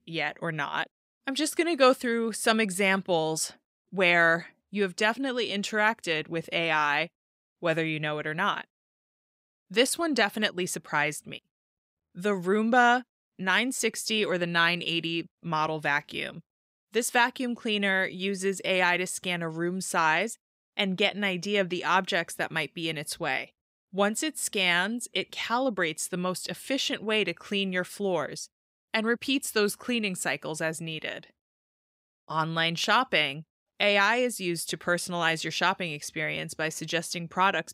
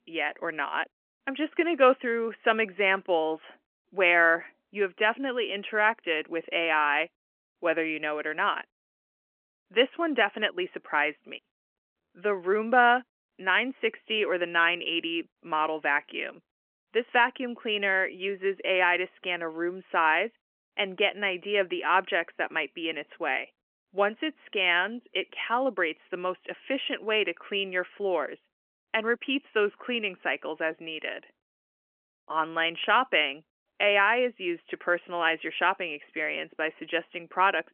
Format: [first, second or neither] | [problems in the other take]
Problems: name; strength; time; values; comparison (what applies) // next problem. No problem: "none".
first | phone-call audio; nothing above 3 kHz